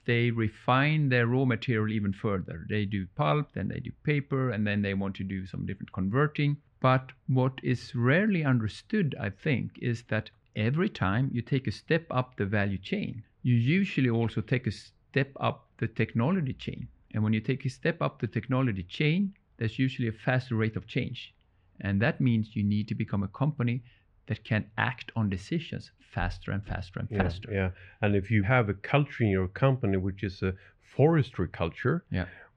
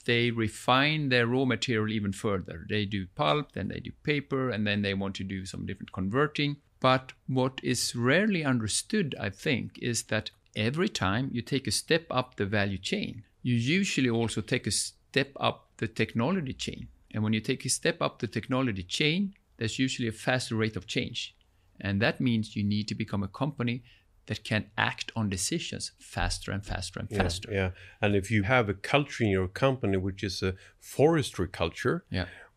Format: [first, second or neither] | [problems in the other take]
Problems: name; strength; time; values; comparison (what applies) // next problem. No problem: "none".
second | muffled; slightly; fading above 2 kHz